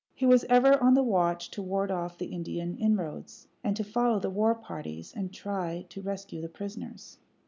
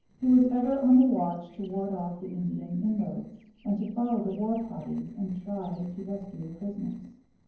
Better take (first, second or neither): first